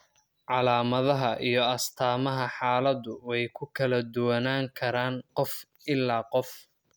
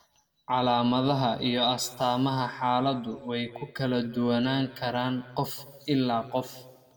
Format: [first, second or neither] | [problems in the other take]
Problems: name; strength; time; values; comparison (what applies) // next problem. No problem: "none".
first | room echo; dies away in 1.4 s